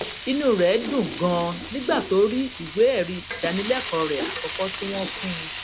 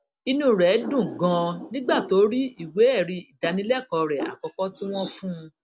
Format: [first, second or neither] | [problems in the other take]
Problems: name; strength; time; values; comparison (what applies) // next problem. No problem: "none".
second | background sound (Frying (food)); 11 dB below the speech